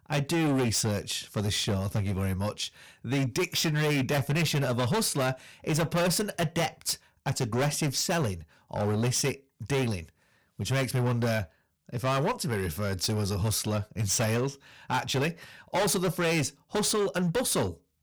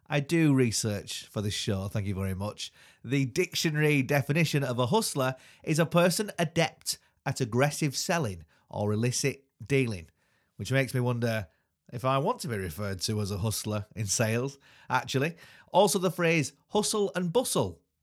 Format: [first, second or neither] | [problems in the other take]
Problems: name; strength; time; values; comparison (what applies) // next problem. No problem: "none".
second | distortion; heavy; 17% of the sound clipped